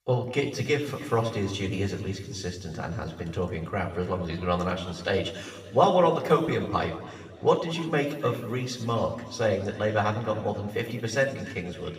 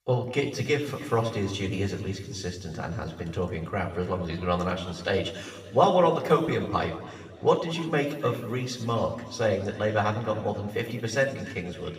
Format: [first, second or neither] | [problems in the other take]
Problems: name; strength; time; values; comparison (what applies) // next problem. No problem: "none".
neither | room echo; noticeable; dies away in 1.9 s; the same in both // off-mic speech; far; the same in both